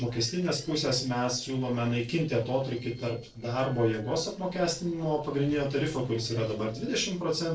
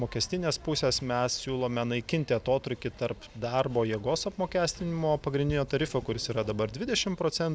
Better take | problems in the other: second | noise reduction (neural separator model SepFormer DNS4)

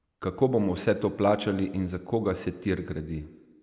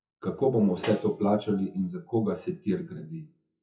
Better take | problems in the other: first | noise reduction (classical method WPE with log-MMSE)

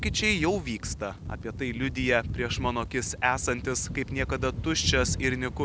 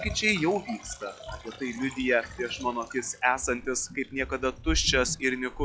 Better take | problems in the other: first | noise reduction (classical method log-MMSE)

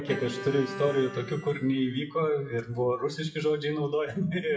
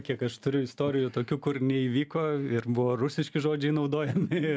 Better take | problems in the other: second | noise reduction (classical method WPE with log-MMSE)

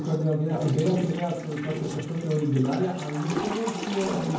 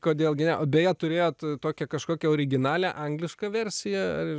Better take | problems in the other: second | background sound (Toilet flush / Water); 9 dB below the speech // room echo; dies away in 0.9 s

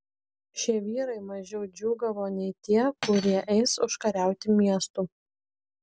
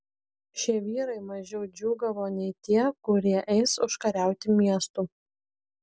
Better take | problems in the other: second | background sound (Cutlery, silverware); 15 dB below the speech

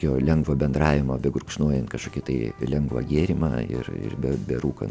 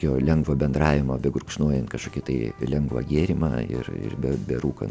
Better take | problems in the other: second | background sound (Piano); 19 dB below the speech

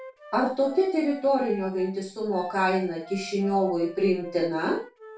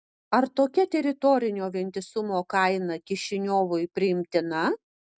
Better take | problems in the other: second | background sound (Wind instrument, woodwind instrument); 19 dB below the speech // room echo; dies away in 0.3 s

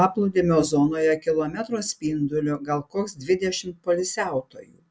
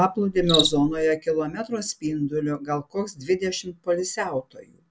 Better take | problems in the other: first | background sound (Cricket); 9 dB below the speech

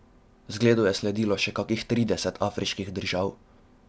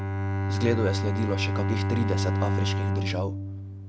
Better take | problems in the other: first | background sound (Bowed string instrument); 5 dB above the speech

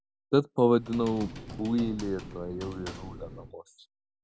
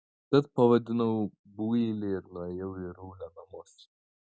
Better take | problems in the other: second | background sound (Typing); 14 dB below the speech

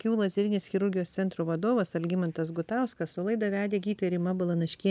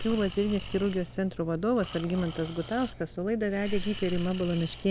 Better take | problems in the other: first | background sound (Breathing); 10 dB below the speech

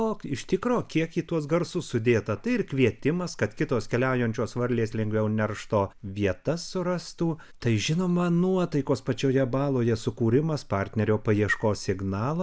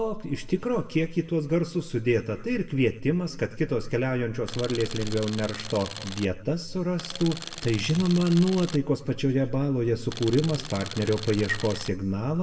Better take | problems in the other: first | background sound (Tools); 13 dB below the speech // room echo; dies away in 1.2 s

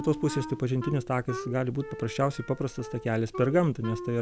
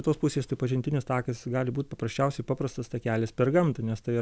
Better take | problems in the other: second | background sound (Wind instrument, woodwind instrument); 12 dB below the speech

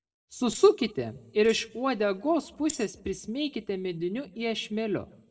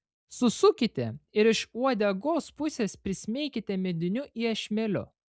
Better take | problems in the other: second | noise reduction (neural separator model SepFormer DNS4)

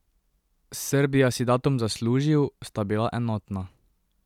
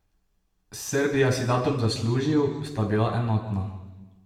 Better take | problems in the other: first | room echo; dies away in 1.3 s

